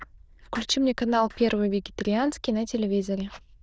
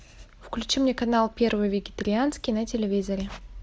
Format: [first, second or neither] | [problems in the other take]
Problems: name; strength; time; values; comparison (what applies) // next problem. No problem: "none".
second | noise reduction (neural diffusion model UNIVERSE++)